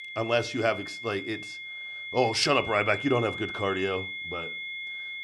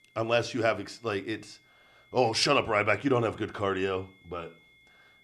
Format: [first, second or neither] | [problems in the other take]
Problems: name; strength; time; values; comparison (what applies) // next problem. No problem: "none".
second | high-pitched whine; loud; throughout; 2 kHz, 8 dB below the speech; faint in the second